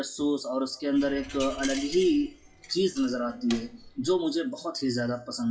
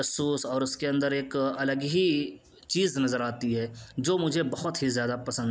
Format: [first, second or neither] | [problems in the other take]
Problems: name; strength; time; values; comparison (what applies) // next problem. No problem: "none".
second | noise reduction (classical method WPE with log-MMSE)